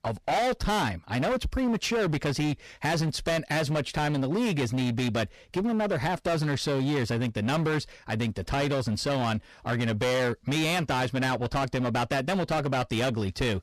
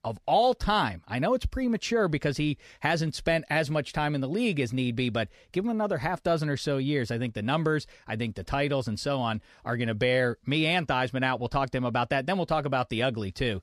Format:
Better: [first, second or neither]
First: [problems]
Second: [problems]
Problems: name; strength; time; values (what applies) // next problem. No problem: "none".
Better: second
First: distortion; heavy; 26% of the sound clipped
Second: none